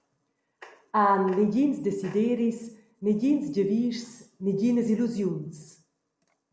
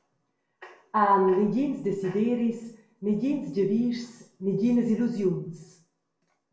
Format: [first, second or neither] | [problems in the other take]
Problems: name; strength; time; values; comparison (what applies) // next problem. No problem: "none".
first | room echo; dies away in 0.3 s